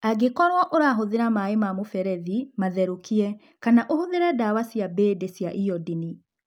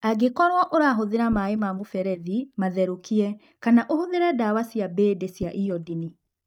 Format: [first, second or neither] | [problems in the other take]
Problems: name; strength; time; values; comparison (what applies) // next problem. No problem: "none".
first | noise reduction (neural mask model DeepFilterNet 3)